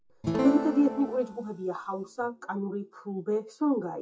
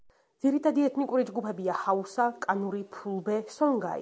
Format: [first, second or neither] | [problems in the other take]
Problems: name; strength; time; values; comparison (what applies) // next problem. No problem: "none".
second | noise reduction (classical method WPE with log-MMSE)